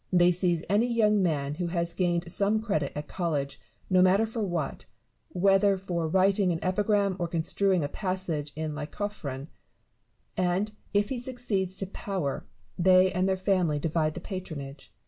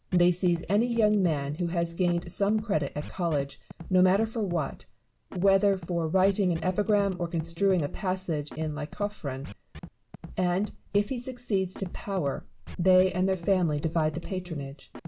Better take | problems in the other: first | background sound (Electric guitar + Scratching (performance technique)); 15 dB below the speech

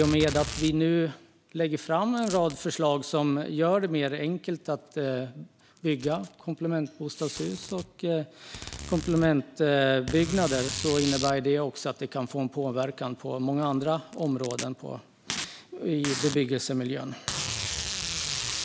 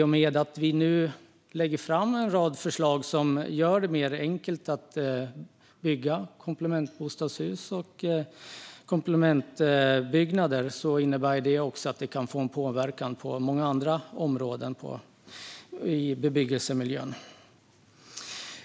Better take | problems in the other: second | background sound (Packing tape, duct tape); 11 dB below the speech

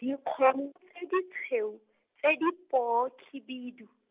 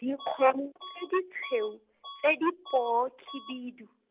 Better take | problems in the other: first | background sound (Bus / Alarm); 17 dB below the speech

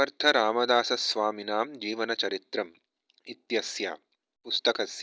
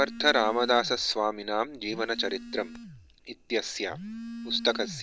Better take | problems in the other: first | background sound (Telephone); 13 dB below the speech

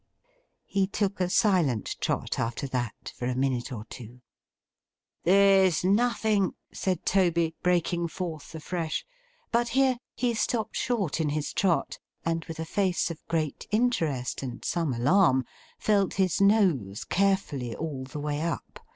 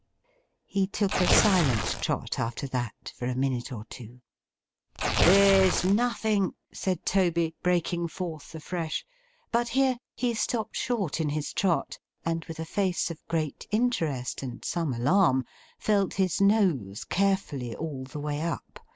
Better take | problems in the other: first | background sound (Tearing); 1 dB below the speech

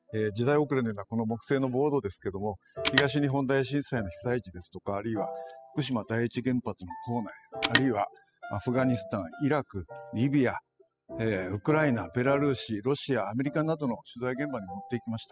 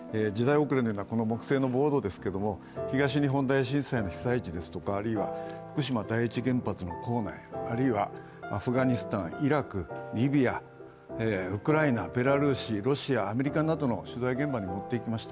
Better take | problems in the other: second | noise reduction (classical method spectral subtraction)

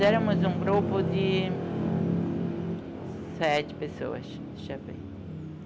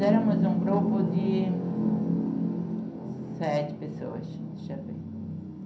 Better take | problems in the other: first | room echo; dies away in 0.6 s

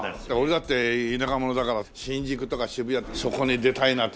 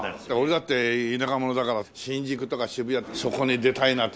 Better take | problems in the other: second | background sound (Drum kit); 18 dB below the speech

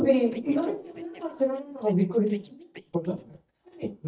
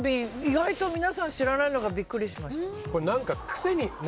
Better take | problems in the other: second | noise reduction (neural mask model DeepFilterNet 3)

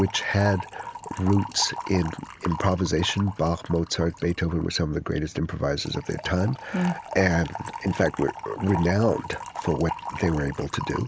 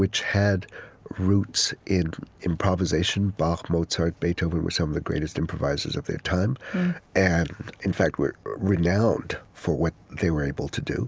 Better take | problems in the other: second | background sound (Fill (with liquid) / Trickle, dribble); 12 dB below the speech

